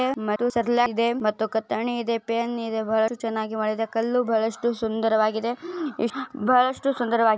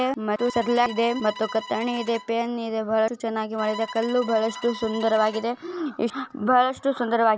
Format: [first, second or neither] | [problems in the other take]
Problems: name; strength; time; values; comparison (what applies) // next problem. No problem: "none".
first | background sound (Bowed string instrument); 16 dB below the speech